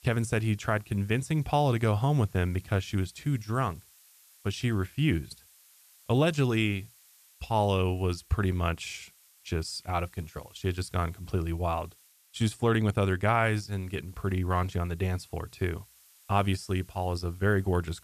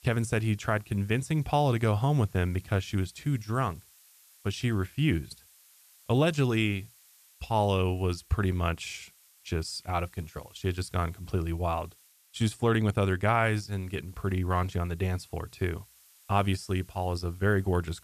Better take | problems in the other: neither | hiss; faint; throughout; 25 dB below the speech; the same in both

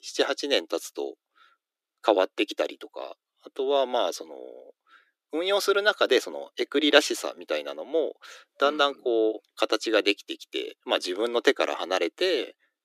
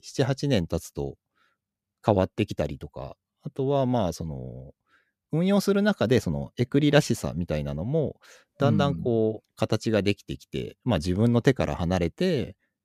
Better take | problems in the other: second | thin; very; fading below 300 Hz

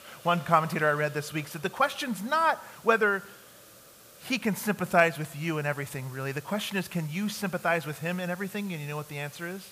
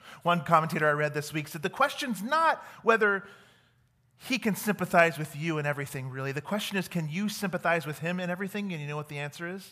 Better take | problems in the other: second | hiss; faint; throughout; 20 dB below the speech

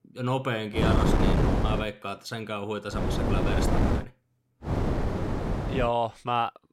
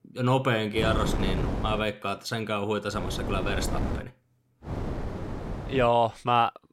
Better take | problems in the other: second | wind noise on the microphone; heavy; from 1 to 2 s, from 3 to 4 s and from 4.5 to 6 s; 1 dB below the speech; occasional gusts in the second

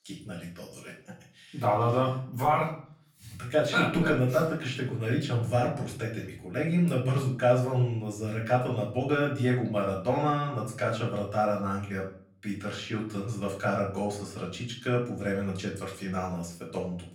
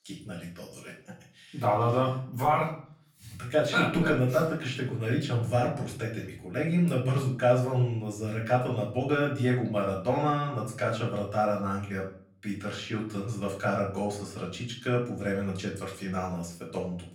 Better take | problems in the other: neither | off-mic speech; far; the same in both // room echo; slight; dies away in 0.5 s; the same in both

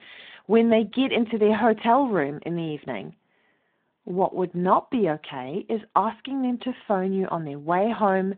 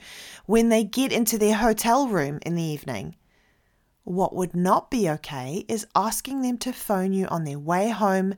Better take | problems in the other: second | phone-call audio

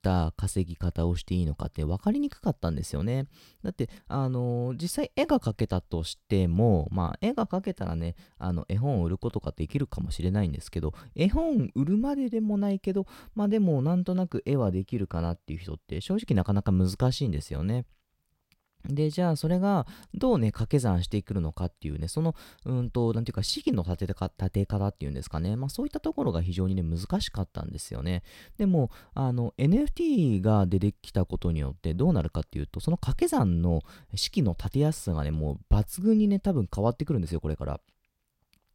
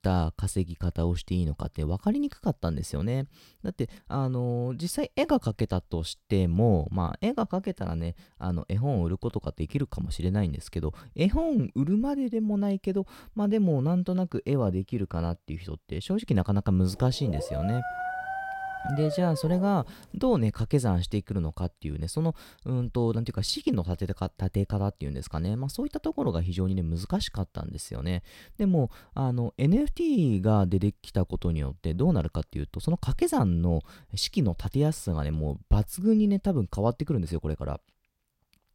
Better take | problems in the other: first | dog barking; noticeable; from 17 to 20 s; peak 4 dB below the speech

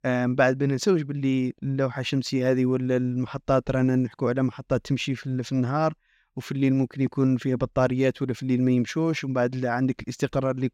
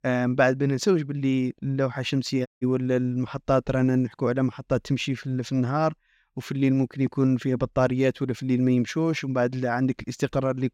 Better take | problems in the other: first | audio cutting out; at 2.5 s

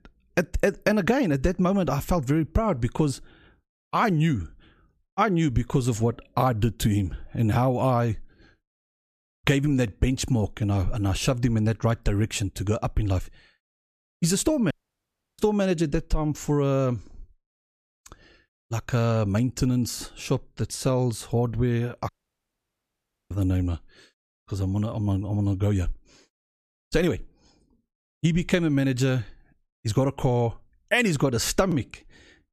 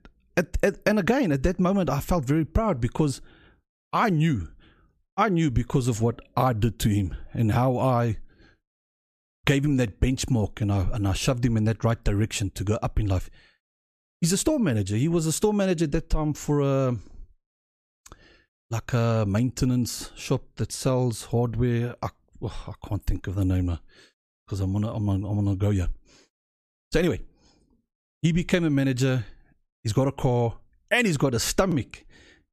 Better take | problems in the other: second | audio cutting out; at 15 s for 0.5 s and at 22 s for 1 s

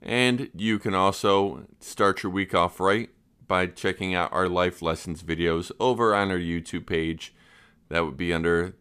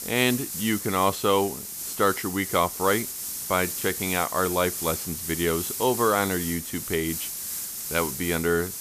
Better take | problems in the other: first | hiss; loud; throughout; 5 dB below the speech

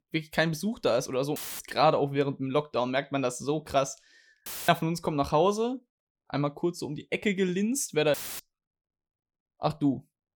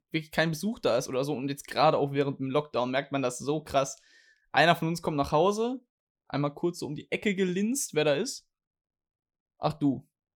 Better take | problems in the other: second | audio cutting out; filled with static; at 1.5 s, at 4.5 s and at 8 s

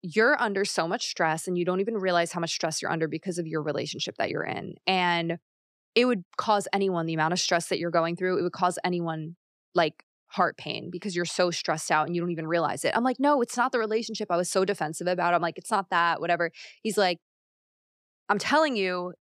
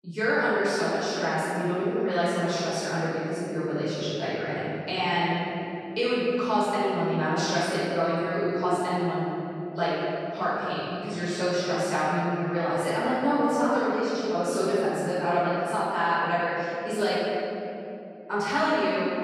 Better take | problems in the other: first | room echo; strong; dies away in 3 s // off-mic speech; far

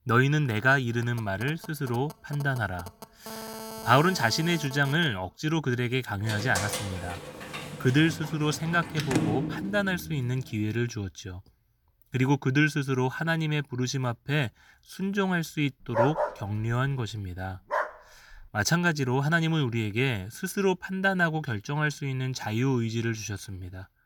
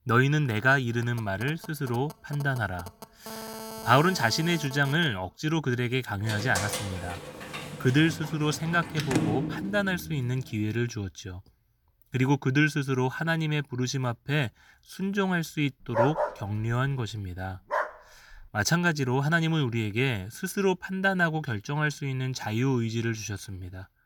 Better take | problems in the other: neither | phone ringing; faint; from 1 to 5 s; peak 10 dB below the speech; the same in both // door banging; loud; from 6.5 to 10 s; peak level with the speech; the same in both // dog barking; loud; from 16 to 18 s; peak 1 dB above the speech; the same in both

